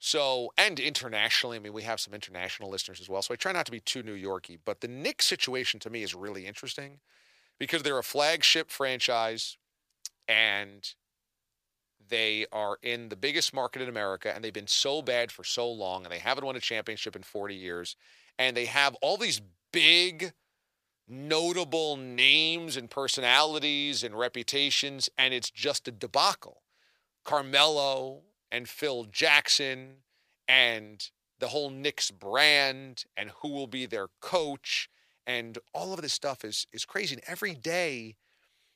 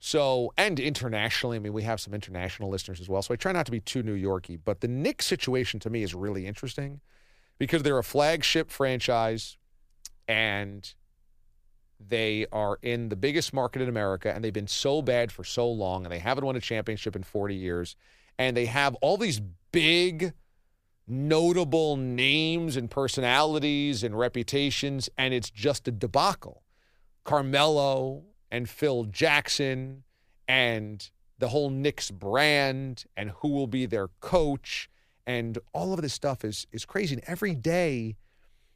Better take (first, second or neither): second